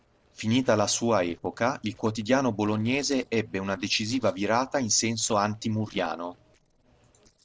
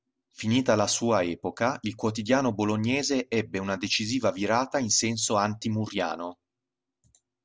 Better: second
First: noise reduction (neural separator model SepFormer DNS4)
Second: none

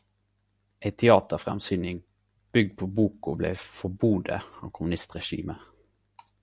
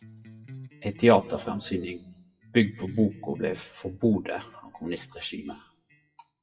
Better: first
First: none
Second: noise reduction (classical method WPE with log-MMSE)

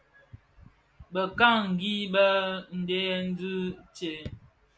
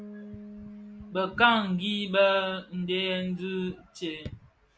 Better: first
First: none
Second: background sound (Bass guitar); 19 dB below the speech

